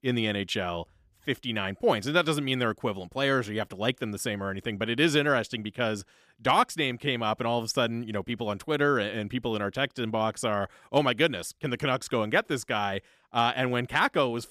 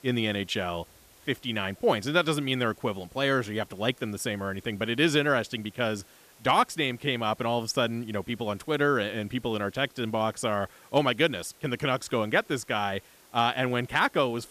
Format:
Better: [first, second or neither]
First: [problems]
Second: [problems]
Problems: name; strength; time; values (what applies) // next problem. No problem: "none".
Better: first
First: none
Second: hiss; faint; throughout; 25 dB below the speech